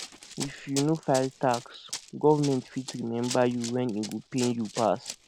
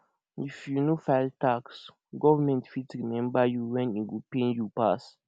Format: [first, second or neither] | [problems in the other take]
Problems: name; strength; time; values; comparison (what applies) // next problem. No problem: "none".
second | background sound (Run); 14 dB below the speech